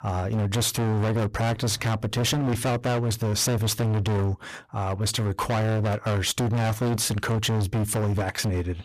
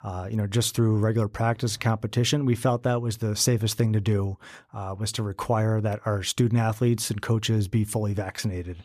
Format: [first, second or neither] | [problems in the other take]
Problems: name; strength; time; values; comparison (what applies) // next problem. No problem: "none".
second | distortion; heavy; 36% of the sound clipped